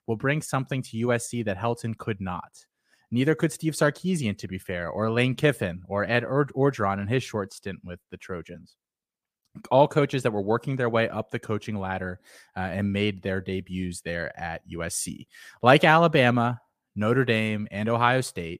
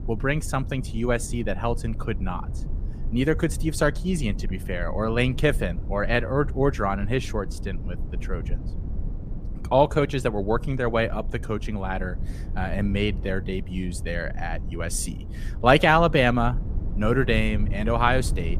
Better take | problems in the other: first | low rumble; faint; throughout; 20 dB below the speech

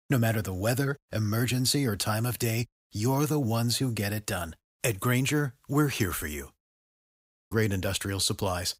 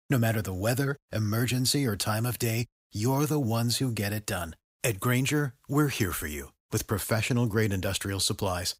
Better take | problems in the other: second | audio cutting out; at 6.5 s for 1 s

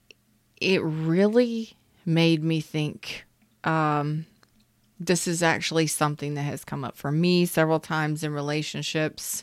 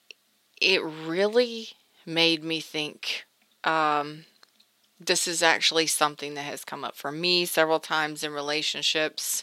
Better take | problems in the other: first | thin; somewhat; fading below 450 Hz

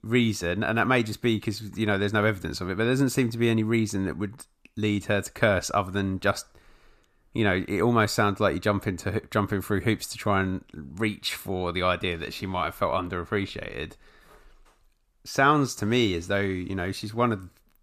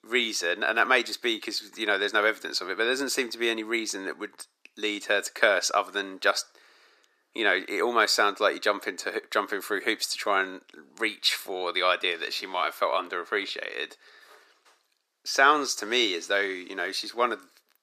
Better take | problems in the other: first | thin; very; fading below 350 Hz

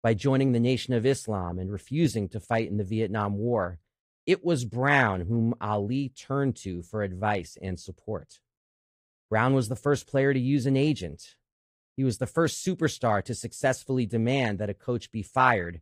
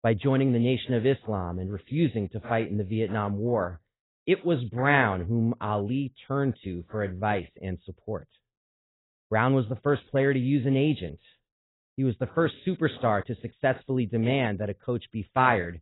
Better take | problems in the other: first | garbled, watery; badly; nothing above 4 kHz; slightly in the first

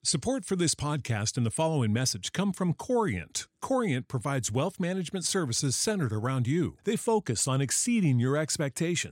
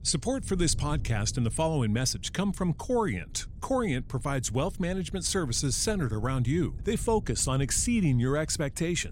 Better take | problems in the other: first | wind noise on the microphone; occasional gusts; 25 dB below the speech

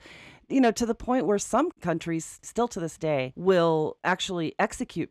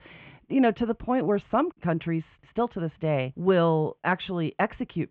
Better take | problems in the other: first | muffled; very; fading above 3 kHz

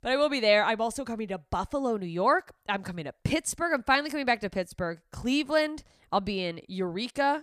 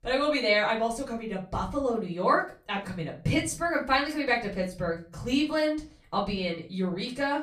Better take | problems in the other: first | off-mic speech; far // room echo; very slight; dies away in 0.3 s

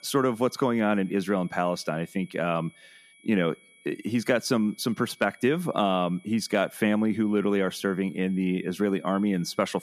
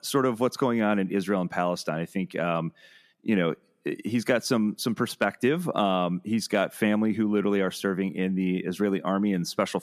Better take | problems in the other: second | high-pitched whine; faint; throughout; 2.5 kHz, 30 dB below the speech

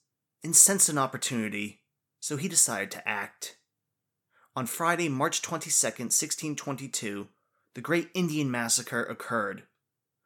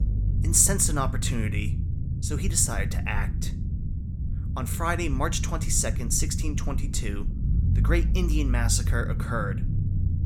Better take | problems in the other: first | low rumble; noticeable; throughout; 15 dB below the speech

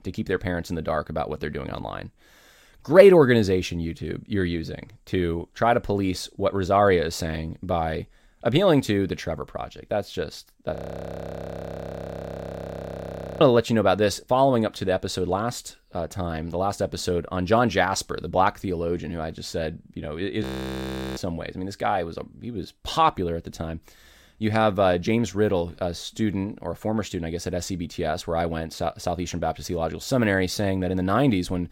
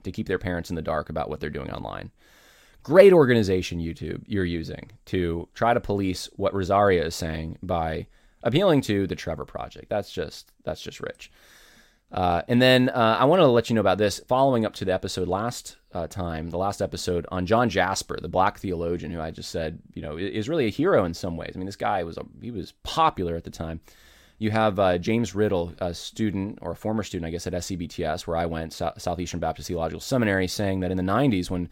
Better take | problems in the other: second | audio freezing; at 11 s for 2.5 s and at 20 s for 0.5 s

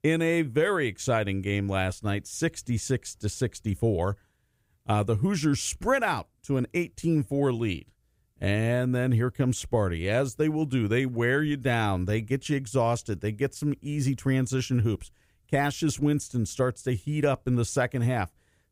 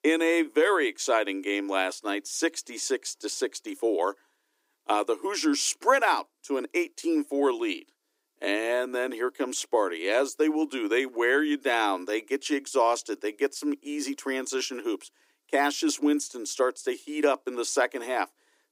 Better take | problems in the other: first | thin; somewhat; fading below 300 Hz

